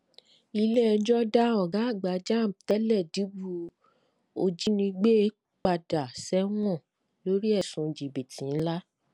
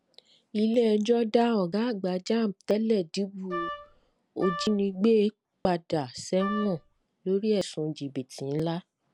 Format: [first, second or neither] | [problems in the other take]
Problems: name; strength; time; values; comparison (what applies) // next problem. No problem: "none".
first | background sound (Wind instrument, woodwind instrument); 10 dB below the speech